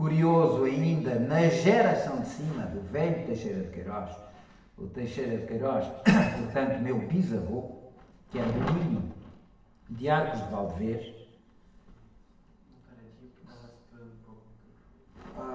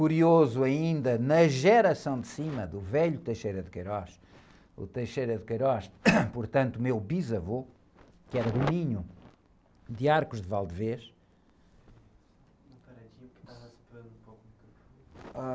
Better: second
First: room echo; dies away in 1 s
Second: none

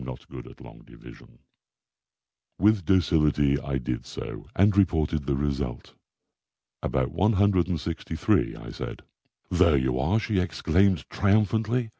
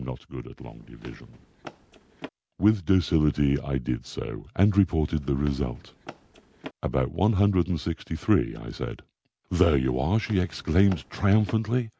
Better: first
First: none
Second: background sound (Run); 20 dB below the speech

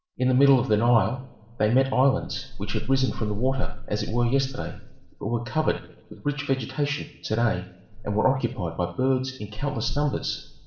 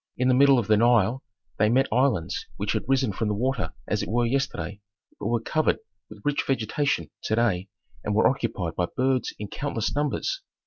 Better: second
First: room echo; dies away in 0.9 s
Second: none

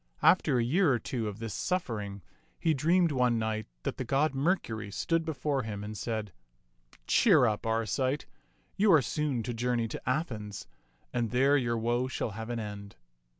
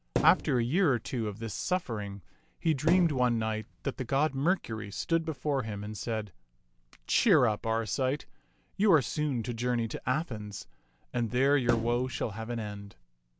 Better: first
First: none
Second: background sound (Thump, thud); 7 dB below the speech

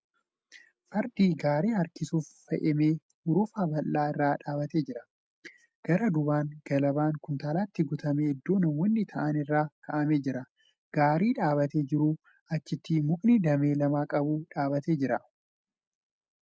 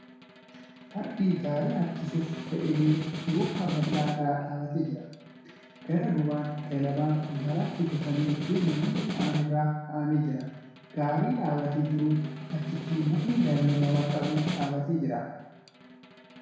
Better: first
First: none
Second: background sound (Snare drum); 9 dB below the speech // room echo; dies away in 1.1 s

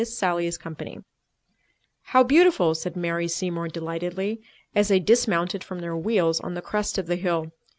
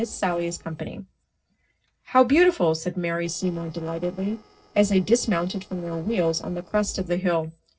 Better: first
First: none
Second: noise reduction (neural separator model SepFormer DNS4)

